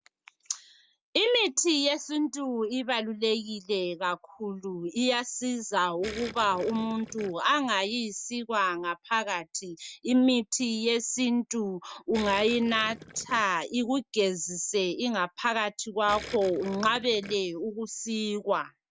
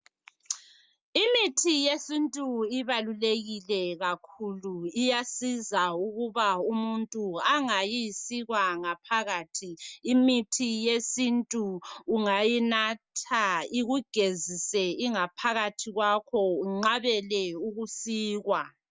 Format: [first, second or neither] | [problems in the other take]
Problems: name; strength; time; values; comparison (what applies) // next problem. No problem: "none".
second | background sound (Gurgling); 15 dB below the speech